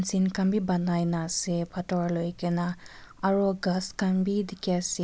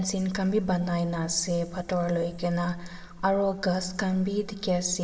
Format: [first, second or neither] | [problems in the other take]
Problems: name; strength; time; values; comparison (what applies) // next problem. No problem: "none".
first | room echo; dies away in 2.1 s